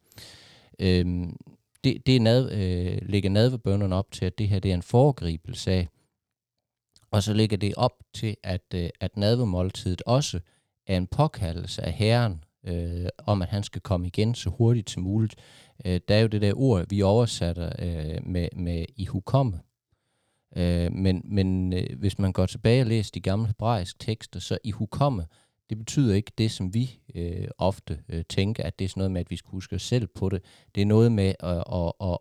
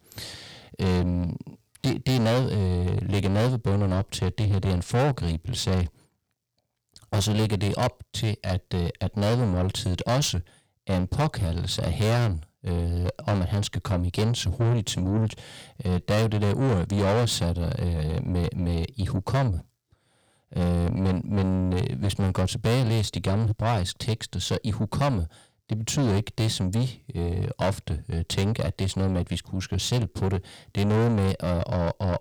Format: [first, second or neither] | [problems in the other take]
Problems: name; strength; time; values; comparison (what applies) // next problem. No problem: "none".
first | distortion; heavy; 6 dB below the speech